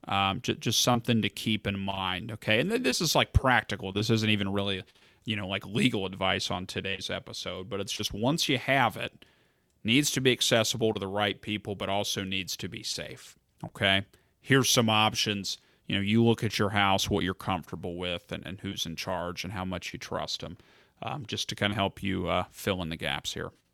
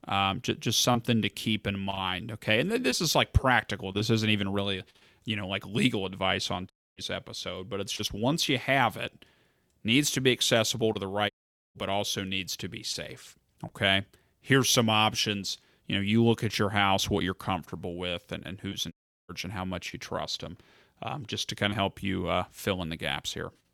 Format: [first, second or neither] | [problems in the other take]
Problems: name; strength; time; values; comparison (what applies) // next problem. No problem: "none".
first | audio cutting out; at 6.5 s, at 11 s and at 19 s